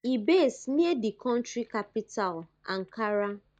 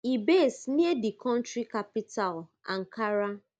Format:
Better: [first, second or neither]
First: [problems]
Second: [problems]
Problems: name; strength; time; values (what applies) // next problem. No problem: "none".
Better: second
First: noise reduction (neural mask model DeepFilterNet 3)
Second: none